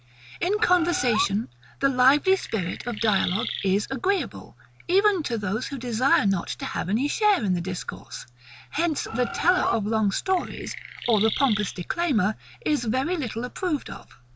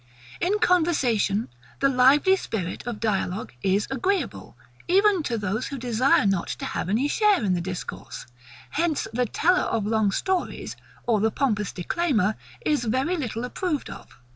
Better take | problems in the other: second | background sound (Bird + Chirp, tweet); 7 dB below the speech

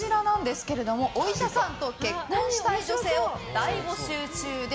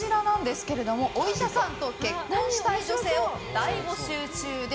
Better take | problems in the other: first | background sound (Harmonica); 16 dB below the speech

